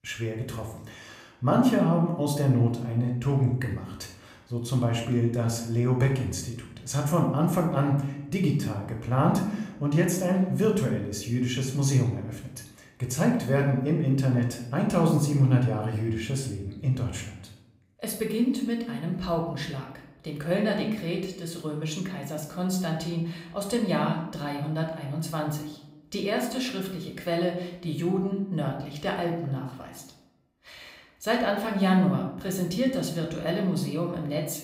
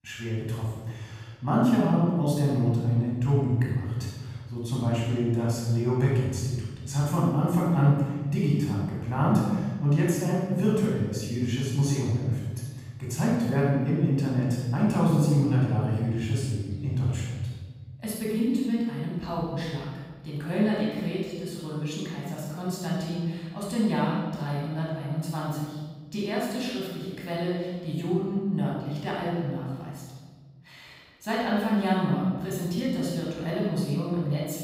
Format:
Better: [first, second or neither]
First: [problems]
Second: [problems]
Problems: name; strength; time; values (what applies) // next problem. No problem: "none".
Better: first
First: room echo; slight; dies away in 0.6 s // off-mic speech; somewhat distant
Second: room echo; strong; dies away in 1.5 s // off-mic speech; far